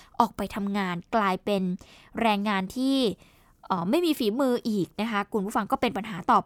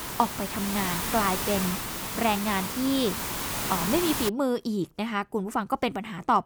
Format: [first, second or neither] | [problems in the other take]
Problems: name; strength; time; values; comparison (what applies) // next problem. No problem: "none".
first | hiss; loud; until 4.5 s; 1 dB below the speech